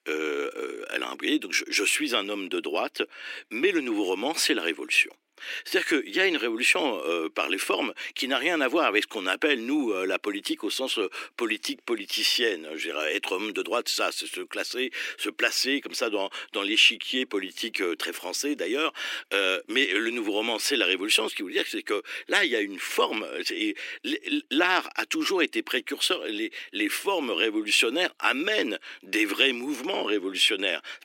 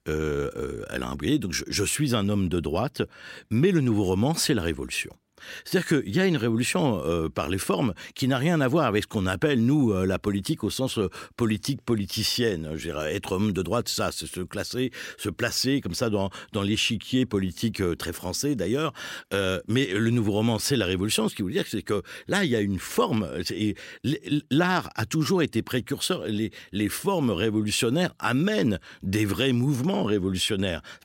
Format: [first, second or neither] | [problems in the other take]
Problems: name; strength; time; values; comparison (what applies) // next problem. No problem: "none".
second | thin; somewhat; fading below 300 Hz